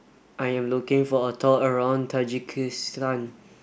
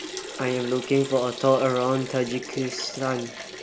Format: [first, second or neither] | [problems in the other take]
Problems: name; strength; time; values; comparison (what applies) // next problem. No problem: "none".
first | background sound (Liquid); 11 dB below the speech